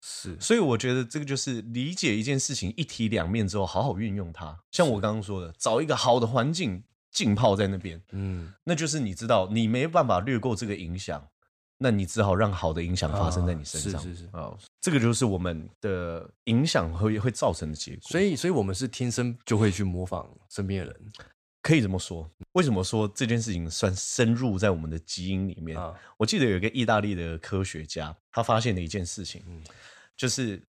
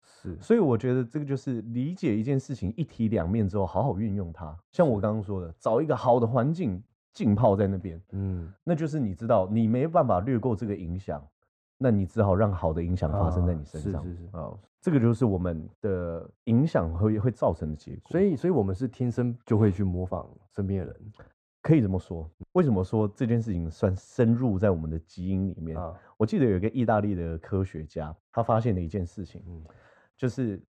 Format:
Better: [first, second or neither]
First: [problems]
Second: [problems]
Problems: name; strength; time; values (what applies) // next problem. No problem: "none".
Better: first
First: none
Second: muffled; very; fading above 2 kHz